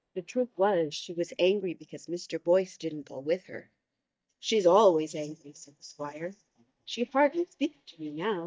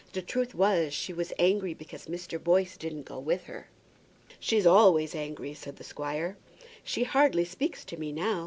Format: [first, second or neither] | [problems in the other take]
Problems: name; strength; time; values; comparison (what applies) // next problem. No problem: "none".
second | noise reduction (neural mask model DeepFilterNet 3)